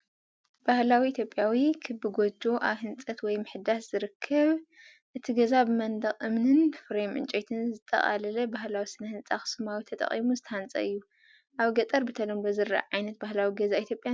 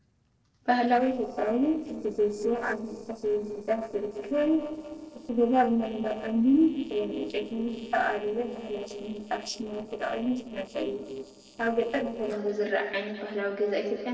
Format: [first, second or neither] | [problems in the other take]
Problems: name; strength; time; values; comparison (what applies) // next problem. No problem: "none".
first | noise reduction (neural separator model SepFormer DNS4)